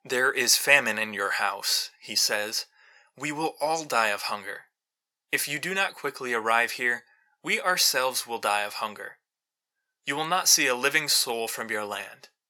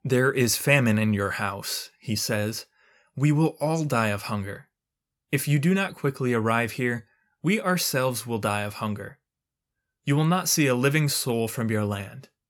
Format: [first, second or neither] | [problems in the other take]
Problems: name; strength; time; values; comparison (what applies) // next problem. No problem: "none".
second | thin; very; fading below 550 Hz